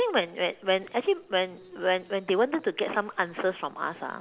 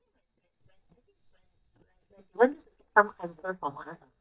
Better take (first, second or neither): first